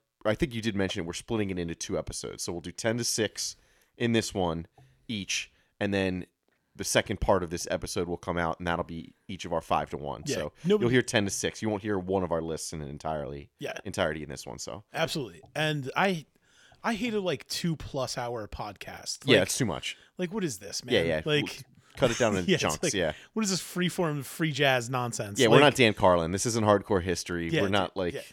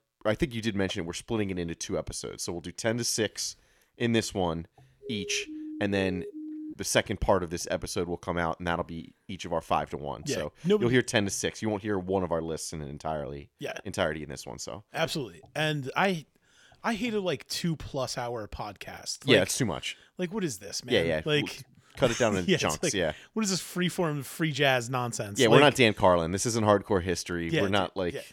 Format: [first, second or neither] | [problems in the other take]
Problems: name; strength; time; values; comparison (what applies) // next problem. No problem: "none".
first | siren; faint; from 5 to 6.5 s; peak 10 dB below the speech